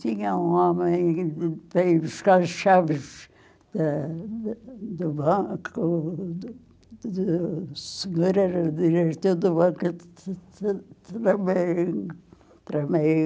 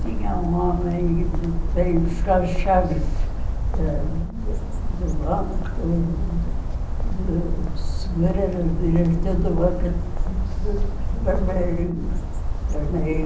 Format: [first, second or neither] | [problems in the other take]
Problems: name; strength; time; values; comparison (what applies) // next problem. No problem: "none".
first | background sound (Bird); 3 dB above the speech // room echo; dies away in 0.6 s